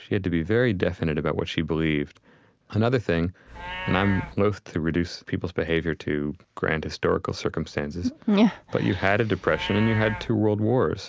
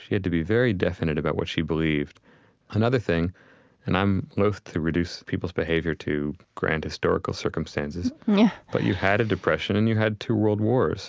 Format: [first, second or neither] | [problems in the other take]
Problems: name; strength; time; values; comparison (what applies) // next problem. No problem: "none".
second | background sound (Livestock, farm animals, working animals); 17 dB below the speech